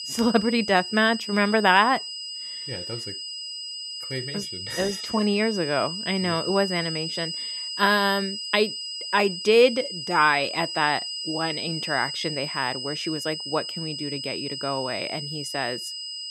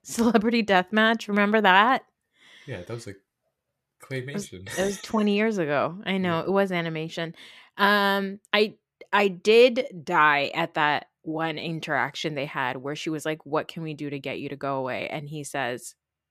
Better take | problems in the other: second | high-pitched whine; loud; throughout; 5 kHz, 6 dB below the speech

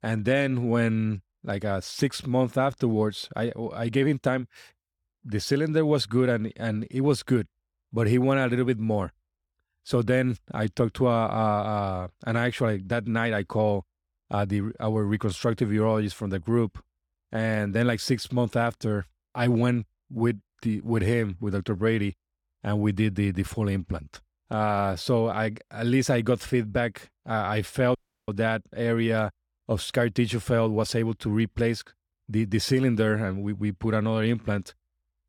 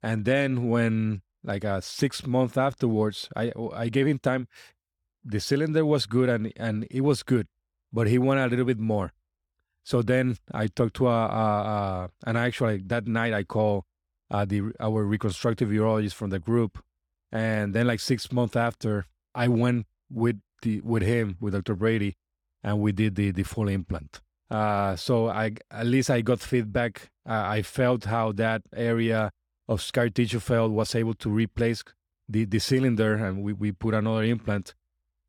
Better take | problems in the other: second | audio cutting out; at 28 s

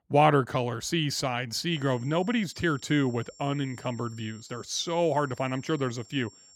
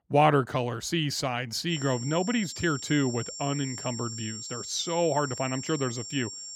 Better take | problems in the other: first | high-pitched whine; loud; from 1.5 s on; 7.5 kHz, 9 dB below the speech; faint in the first

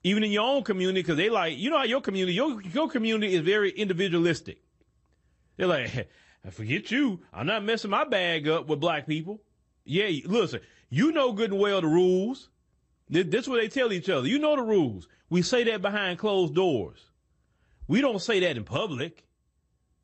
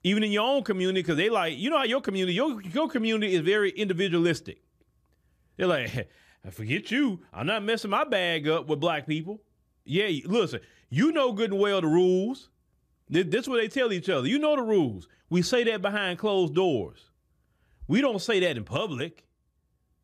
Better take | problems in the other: second | garbled, watery; slightly; nothing above 8 kHz

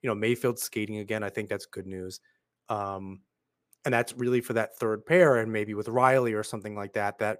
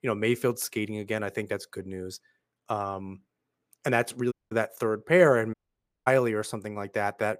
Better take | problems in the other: first | audio cutting out; at 4.5 s and at 5.5 s for 0.5 s

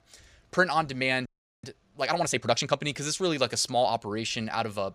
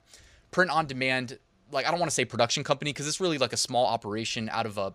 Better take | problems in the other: second | audio freezing; at 1.5 s

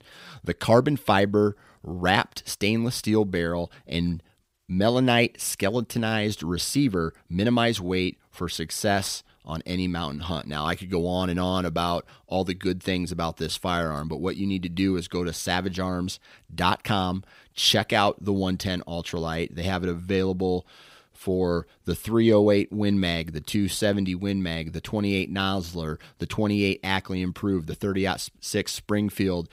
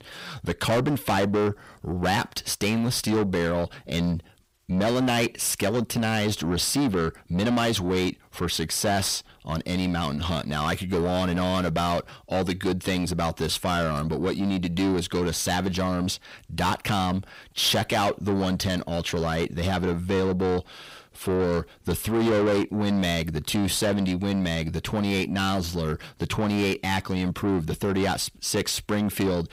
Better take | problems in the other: first | distortion; heavy; 7 dB below the speech

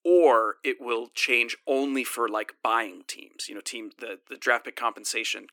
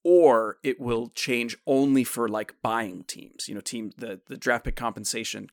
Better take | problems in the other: second | thin; somewhat; fading below 300 Hz

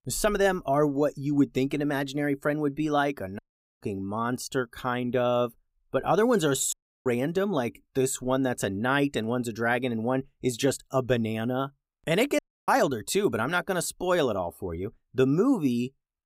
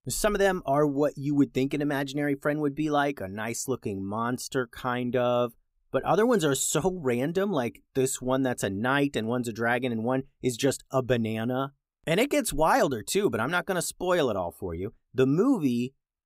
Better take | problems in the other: second | audio cutting out; at 3.5 s, at 6.5 s and at 12 s

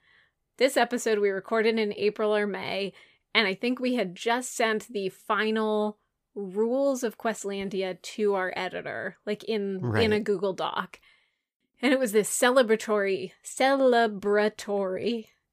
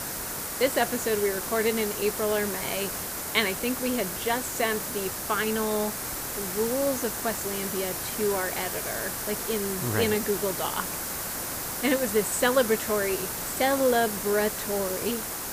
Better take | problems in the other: first | hiss; loud; throughout; 2 dB below the speech

